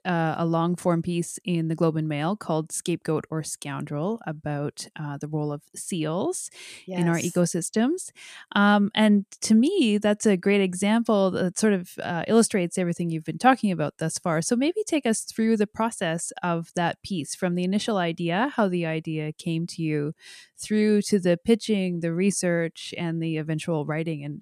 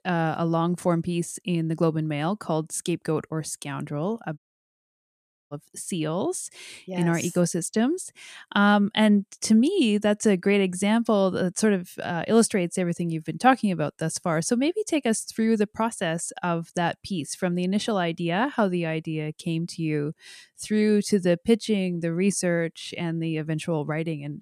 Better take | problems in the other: first | audio cutting out; at 4.5 s for 1 s

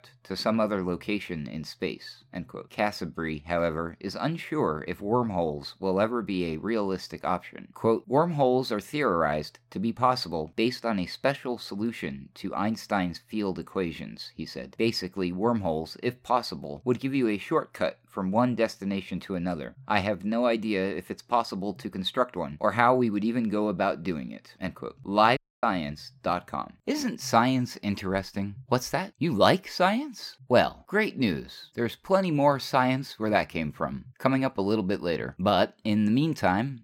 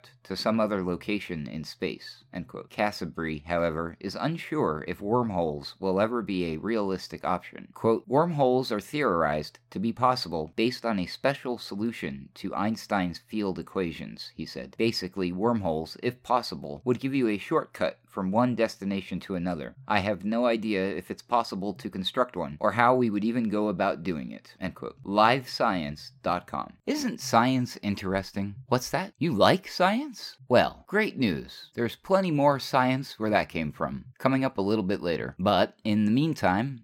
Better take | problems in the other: second | audio cutting out; at 25 s

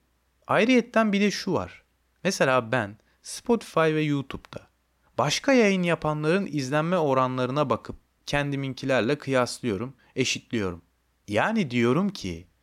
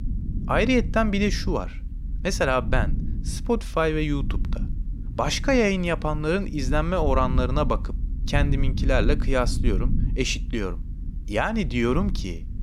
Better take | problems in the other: first | low rumble; noticeable; throughout; 20 dB below the speech

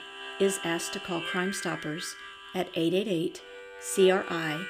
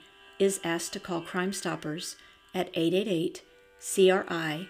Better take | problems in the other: second | background music; loud; throughout; 9 dB below the speech; faint in the second

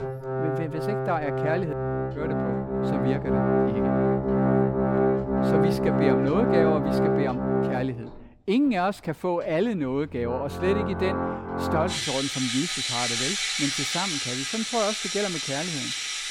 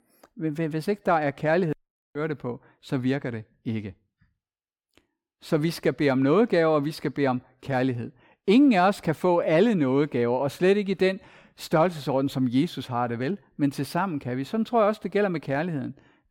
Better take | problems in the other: second | background music; very loud; throughout; 3 dB above the speech

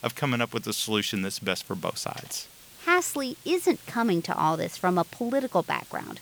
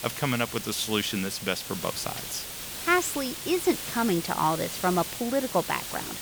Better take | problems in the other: first | hiss; loud; throughout; 6 dB below the speech; faint in the first

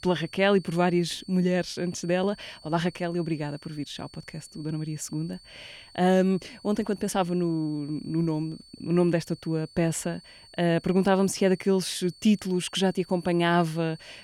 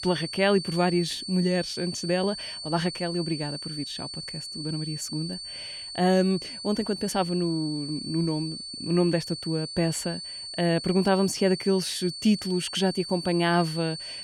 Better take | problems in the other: first | high-pitched whine; loud; throughout; 4.5 kHz, 8 dB below the speech; faint in the first

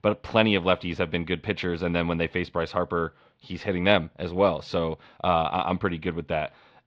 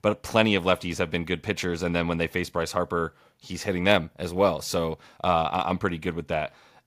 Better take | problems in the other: second | muffled; slightly; fading above 3.5 kHz

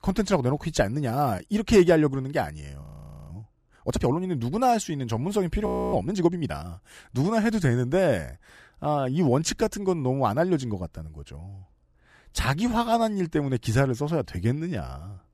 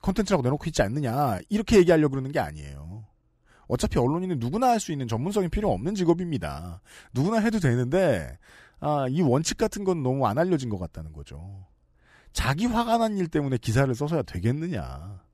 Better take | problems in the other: second | audio freezing; at 3 s and at 5.5 s

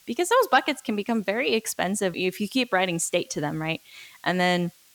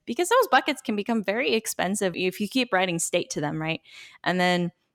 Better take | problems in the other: second | hiss; faint; throughout; 30 dB below the speech

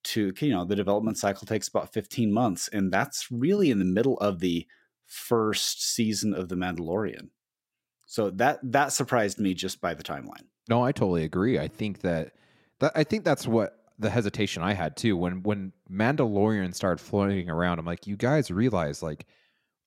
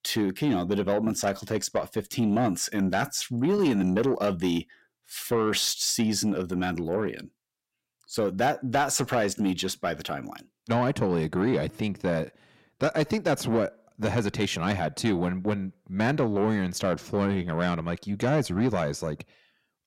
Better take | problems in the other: first | distortion; slight; 10 dB below the speech

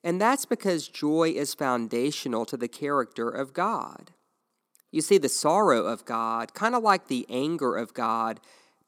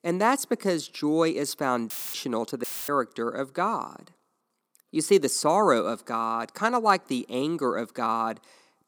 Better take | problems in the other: first | audio cutting out; filled with static; at 2 s and at 2.5 s

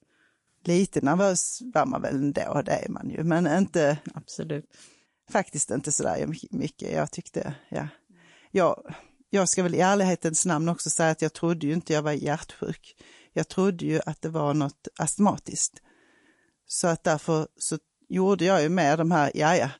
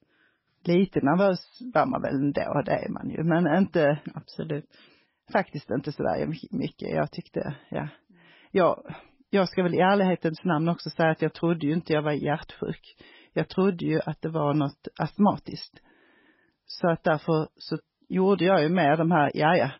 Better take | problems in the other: first | garbled, watery; badly; nothing above 5.5 kHz; slightly in the first

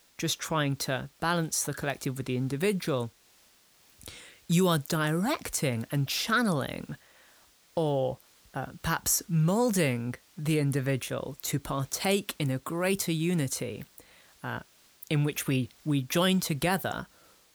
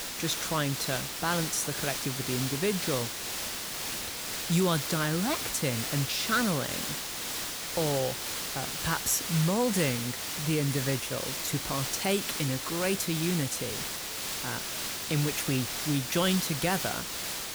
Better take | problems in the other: first | hiss; loud; throughout; 2 dB below the speech; faint in the first

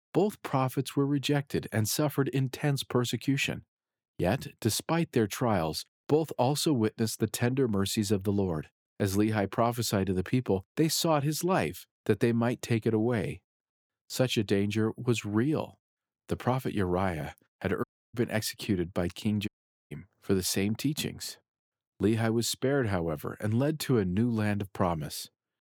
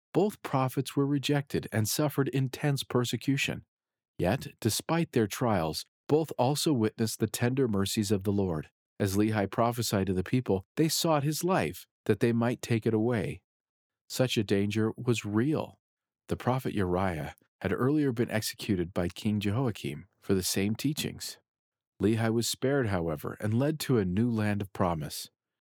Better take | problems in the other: second | audio cutting out; at 18 s and at 19 s

